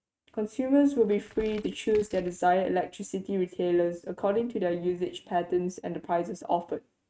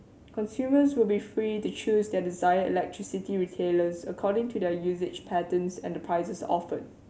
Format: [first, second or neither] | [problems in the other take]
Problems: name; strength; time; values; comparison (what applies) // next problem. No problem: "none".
second | noise reduction (neural mask model RNNoise)